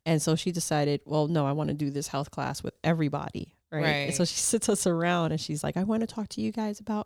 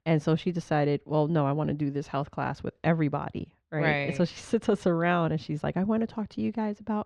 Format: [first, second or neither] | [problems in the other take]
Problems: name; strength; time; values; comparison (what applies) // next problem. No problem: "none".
first | muffled; very; fading above 2 kHz